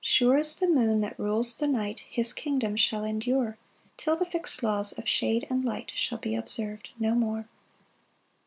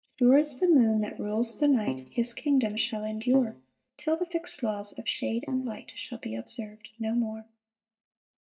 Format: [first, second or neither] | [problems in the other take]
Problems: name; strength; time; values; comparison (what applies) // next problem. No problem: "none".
first | noise reduction (neural mask model DeepFilterNet 3)